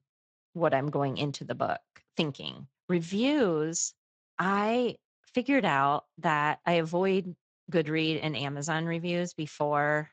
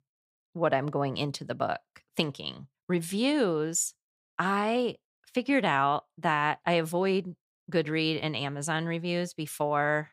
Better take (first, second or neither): second